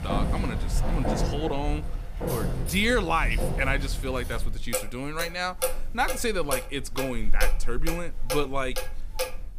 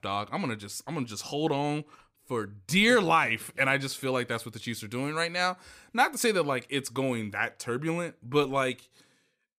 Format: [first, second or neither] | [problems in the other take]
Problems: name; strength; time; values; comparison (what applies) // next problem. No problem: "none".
second | household noises; loud; throughout; 2 dB below the speech